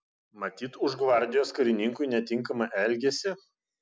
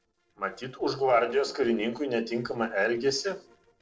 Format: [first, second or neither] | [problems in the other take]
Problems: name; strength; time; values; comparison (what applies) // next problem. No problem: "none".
first | noise reduction (neural separator model SepFormer DNS4)